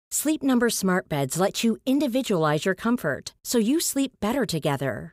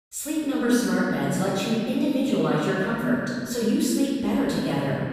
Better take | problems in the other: first | off-mic speech; far // room echo; strong; dies away in 2.1 s

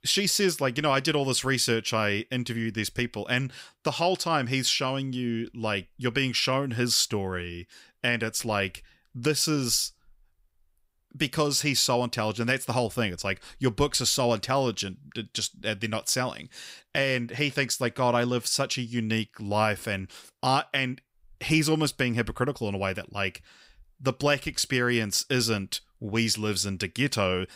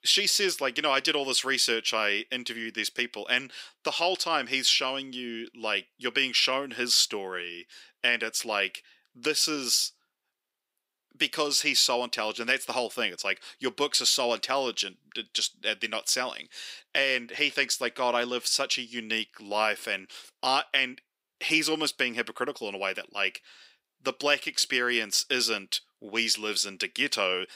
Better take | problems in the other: first | thin; somewhat; fading below 300 Hz

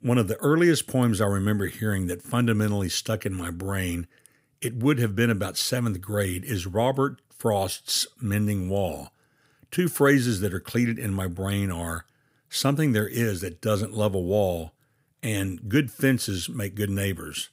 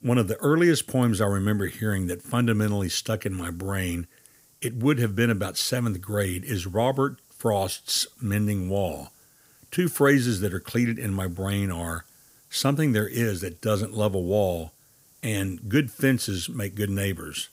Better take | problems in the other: first | hiss; faint; throughout; 30 dB below the speech

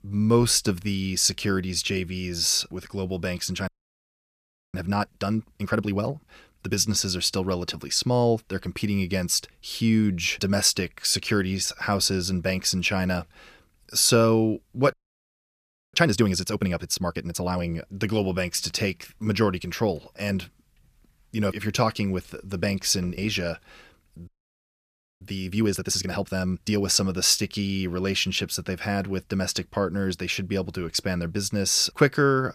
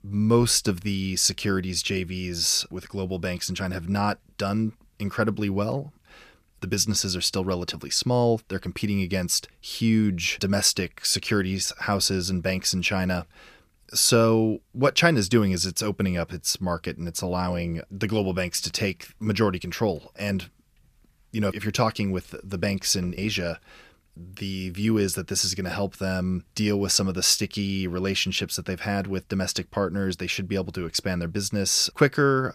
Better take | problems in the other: second | audio freezing; at 3.5 s for 1 s, at 15 s for 1 s and at 24 s for 1 s

